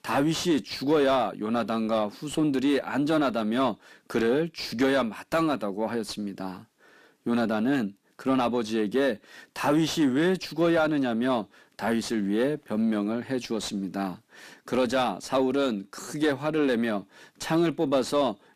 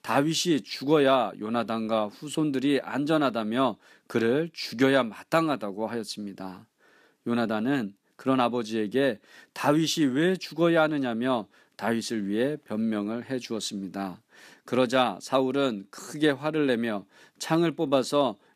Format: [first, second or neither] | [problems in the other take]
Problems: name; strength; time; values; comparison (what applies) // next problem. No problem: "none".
second | distortion; slight; 10 dB below the speech